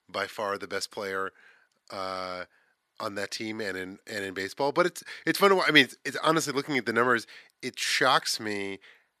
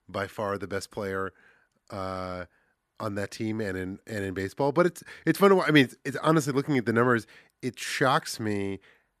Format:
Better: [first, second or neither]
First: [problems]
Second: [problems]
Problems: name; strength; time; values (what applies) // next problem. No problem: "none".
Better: second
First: thin; very slightly; fading below 1 kHz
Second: none